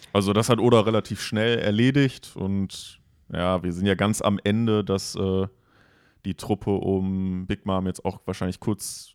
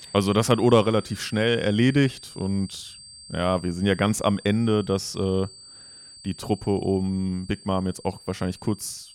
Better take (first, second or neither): first